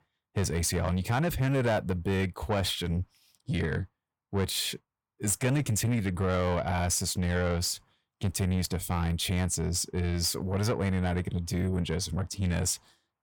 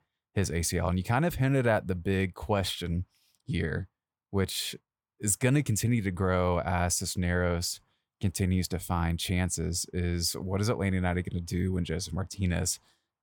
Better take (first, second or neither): second